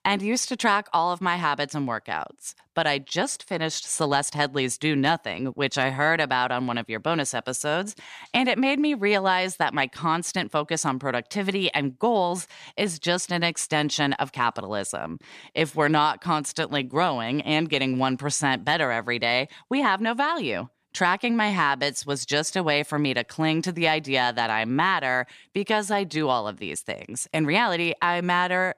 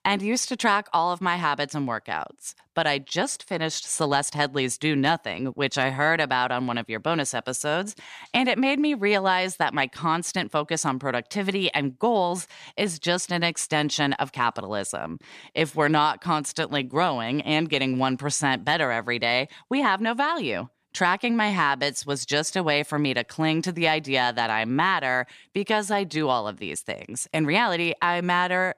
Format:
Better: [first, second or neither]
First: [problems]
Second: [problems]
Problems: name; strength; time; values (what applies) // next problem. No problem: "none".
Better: neither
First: none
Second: none